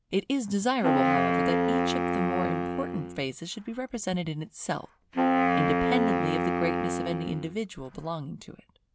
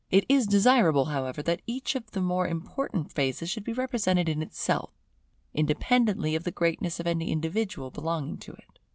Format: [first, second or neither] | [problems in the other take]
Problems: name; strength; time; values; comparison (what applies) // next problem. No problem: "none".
second | background sound (Wind instrument, woodwind instrument); 4 dB above the speech